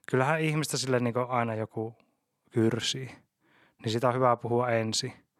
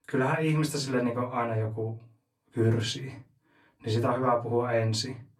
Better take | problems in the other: first | off-mic speech; far // room echo; very slight; dies away in 0.2 s

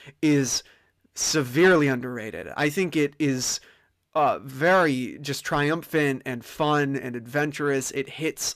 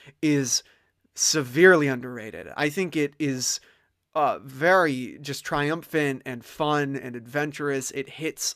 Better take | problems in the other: second | distortion; slight; 10 dB below the speech

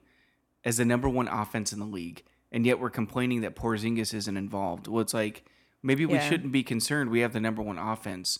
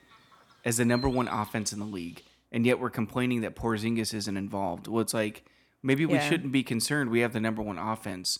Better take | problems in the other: first | animal sounds; noticeable; until 2.5 s; 20 dB below the speech

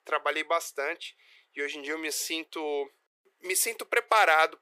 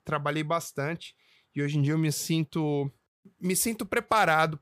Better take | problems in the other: second | thin; very; fading below 400 Hz

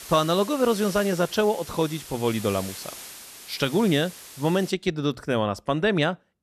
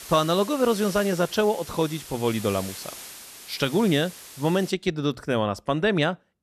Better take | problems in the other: neither | hiss; noticeable; until 4.5 s; 15 dB below the speech; the same in both

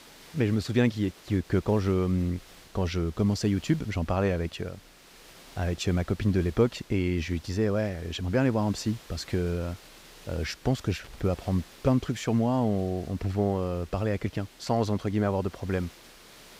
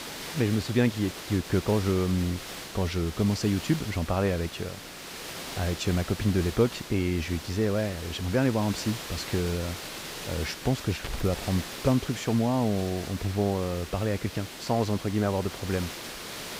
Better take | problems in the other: first | hiss; loud; throughout; 10 dB below the speech; faint in the first

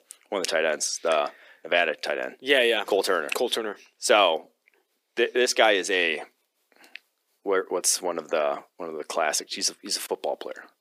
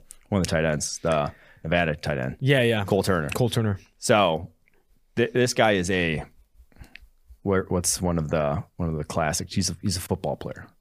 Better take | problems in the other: second | thin; very; fading below 300 Hz

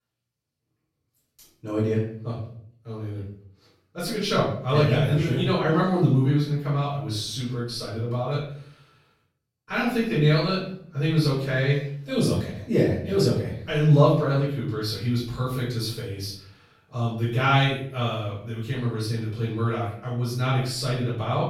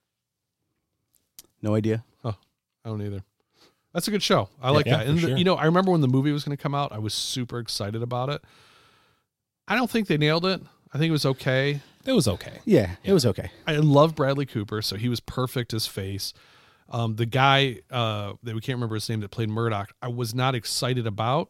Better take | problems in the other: second | off-mic speech; far // room echo; noticeable; dies away in 0.6 s

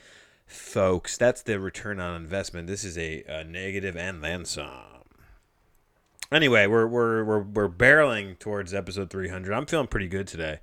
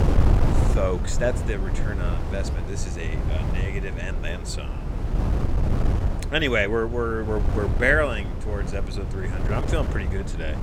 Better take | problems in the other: first | wind noise on the microphone; heavy; 8 dB below the speech

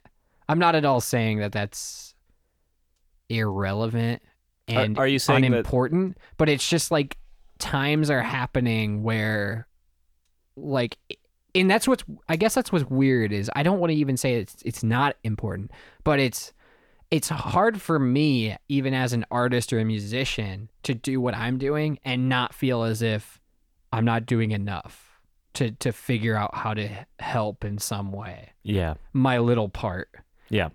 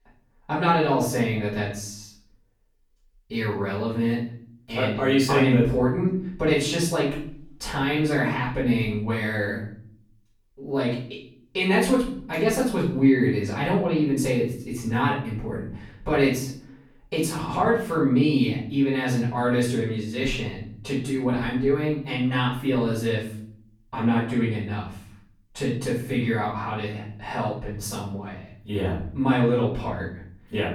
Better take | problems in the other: first | off-mic speech; far // room echo; noticeable; dies away in 0.5 s

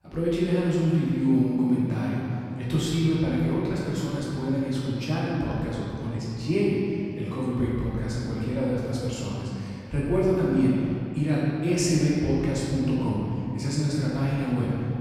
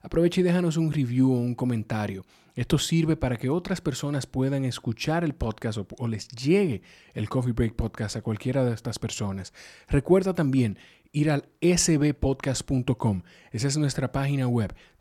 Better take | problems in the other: second | off-mic speech; far // room echo; strong; dies away in 2.8 s

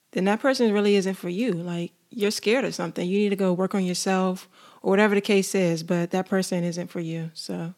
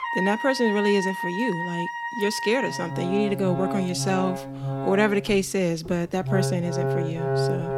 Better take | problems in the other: first | background music; loud; throughout; 4 dB below the speech

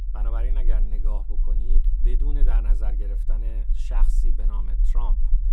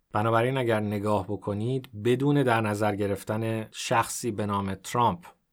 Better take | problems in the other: second | low rumble; loud; throughout; 8 dB below the speech

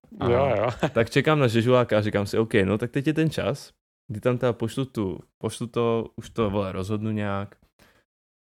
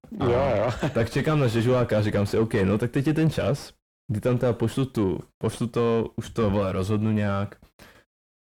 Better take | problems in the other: first | distortion; heavy; 6 dB below the speech

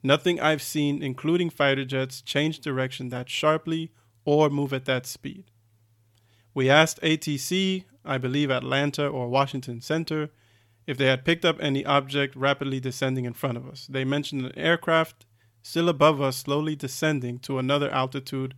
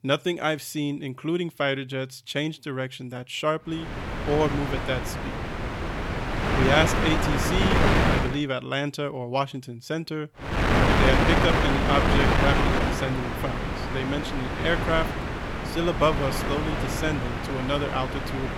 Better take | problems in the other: first | wind noise on the microphone; heavy; from 4 to 8 s and from 11 s on; 1 dB above the speech

